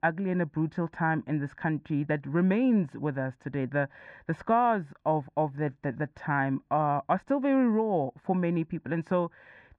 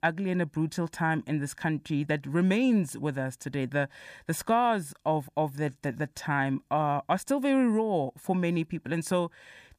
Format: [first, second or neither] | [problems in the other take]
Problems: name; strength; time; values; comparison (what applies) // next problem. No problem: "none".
second | muffled; very; fading above 1.5 kHz